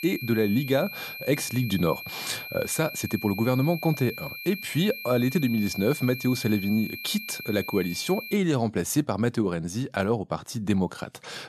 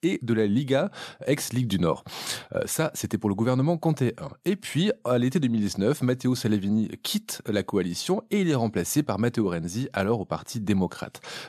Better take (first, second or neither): second